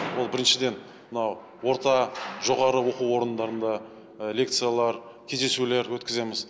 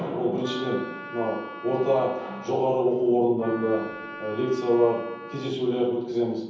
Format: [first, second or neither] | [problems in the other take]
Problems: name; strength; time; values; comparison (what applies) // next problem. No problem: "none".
first | background sound (Wind instrument, woodwind instrument); 15 dB below the speech // room echo; dies away in 0.9 s